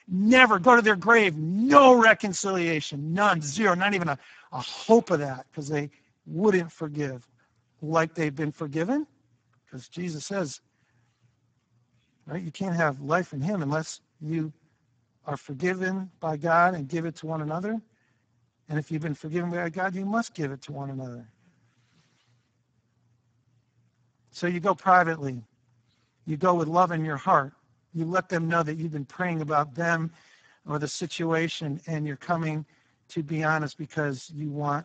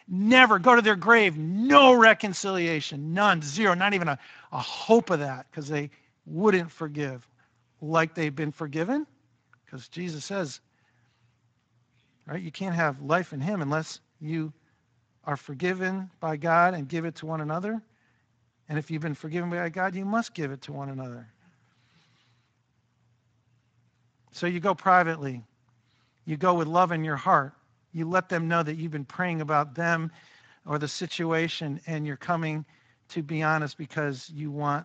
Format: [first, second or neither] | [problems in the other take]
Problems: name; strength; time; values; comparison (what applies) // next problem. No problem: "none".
second | garbled, watery; badly; nothing above 7.5 kHz; slightly in the second